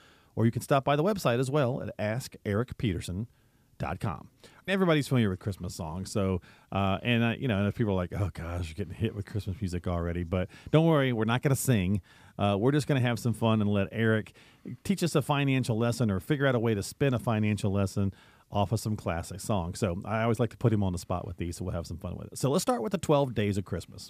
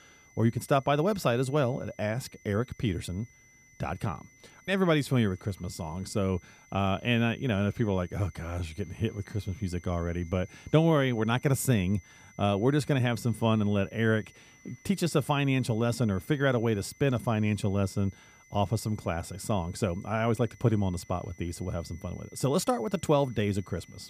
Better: first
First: none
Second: high-pitched whine; faint; throughout; 2 kHz, 25 dB below the speech

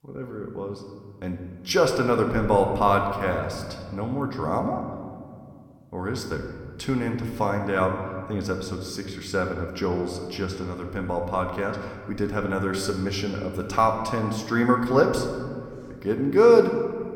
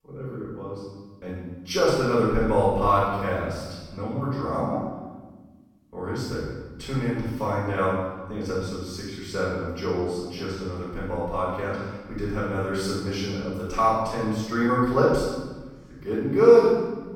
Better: first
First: room echo; slight; dies away in 1.6 s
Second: room echo; strong; dies away in 1.2 s // off-mic speech; far

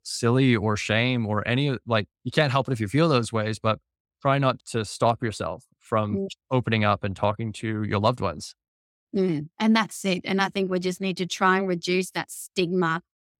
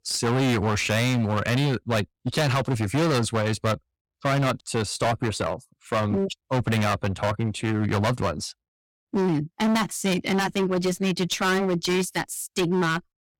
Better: first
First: none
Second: distortion; heavy; 21% of the sound clipped

